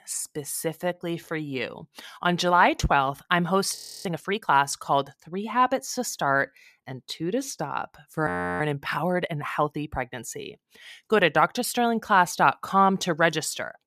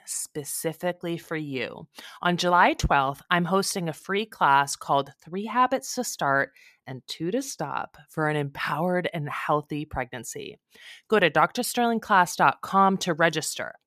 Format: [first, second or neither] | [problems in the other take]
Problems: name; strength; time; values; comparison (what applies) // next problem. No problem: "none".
second | audio freezing; at 4 s and at 8.5 s